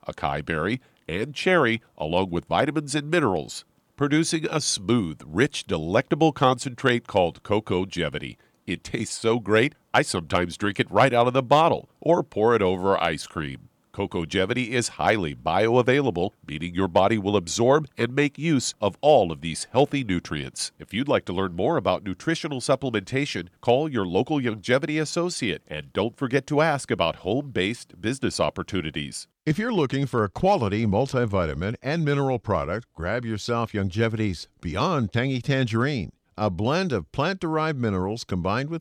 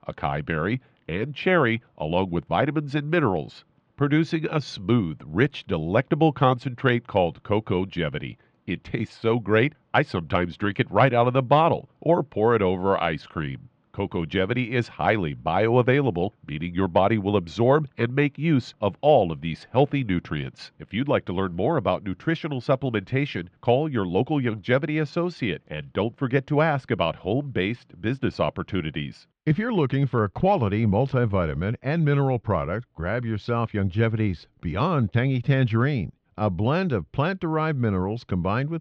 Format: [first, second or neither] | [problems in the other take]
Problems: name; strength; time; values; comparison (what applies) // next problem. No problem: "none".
first | muffled; slightly; fading above 3 kHz